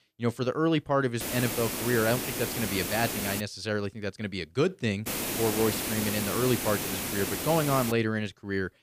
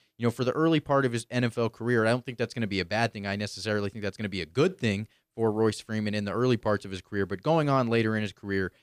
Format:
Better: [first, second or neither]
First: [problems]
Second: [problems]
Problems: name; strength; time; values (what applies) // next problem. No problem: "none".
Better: second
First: hiss; loud; from 1 to 3.5 s and from 5 to 8 s; 2 dB below the speech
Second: none